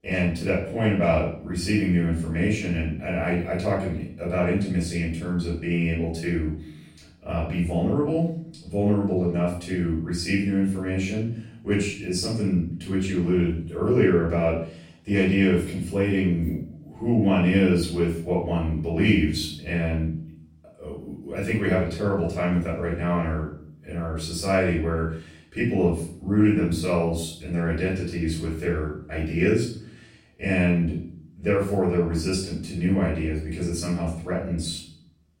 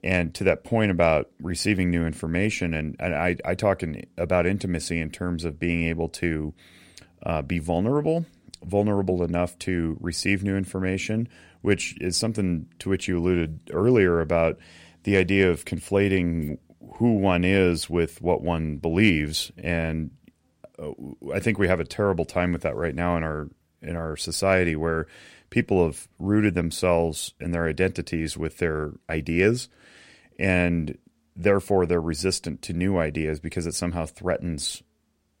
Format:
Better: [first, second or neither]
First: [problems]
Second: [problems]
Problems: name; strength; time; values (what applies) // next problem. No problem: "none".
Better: second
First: off-mic speech; far // room echo; noticeable; dies away in 0.5 s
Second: none